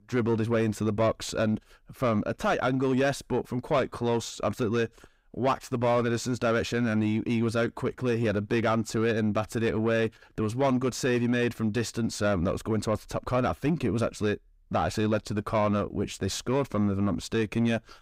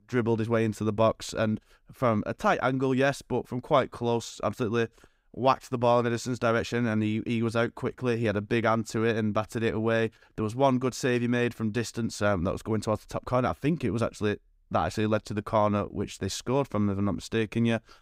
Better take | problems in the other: second | distortion; slight; 10 dB below the speech

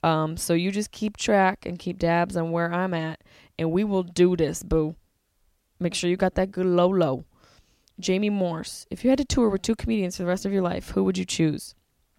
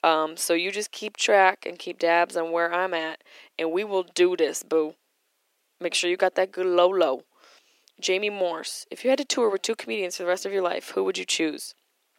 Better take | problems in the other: first | thin; very; fading below 350 Hz

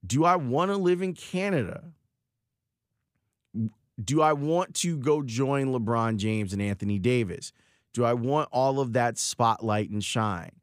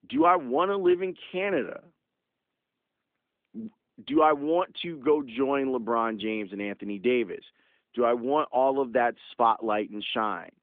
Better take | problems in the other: first | phone-call audio; nothing above 3.5 kHz

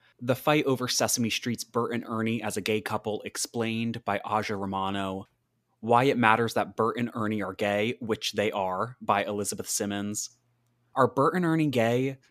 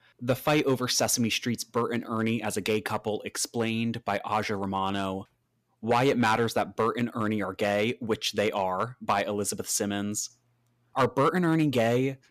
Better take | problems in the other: first | distortion; slight; 1.9% of the sound clipped

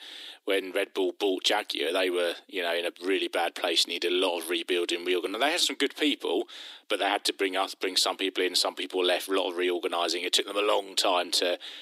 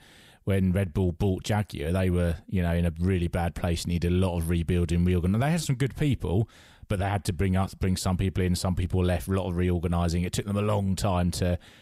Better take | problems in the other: second | thin; very; fading below 300 Hz

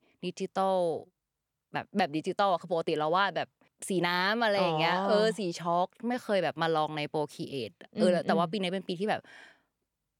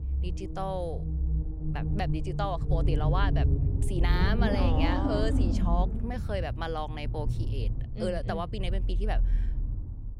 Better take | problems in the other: first | low rumble; loud; throughout; 6 dB below the speech

